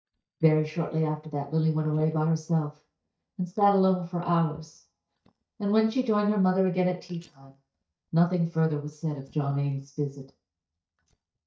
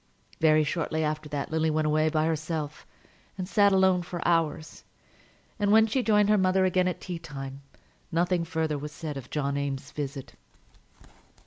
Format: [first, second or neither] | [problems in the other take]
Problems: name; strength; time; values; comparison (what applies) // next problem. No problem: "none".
second | noise reduction (neural mask model DeepFilterNet 3)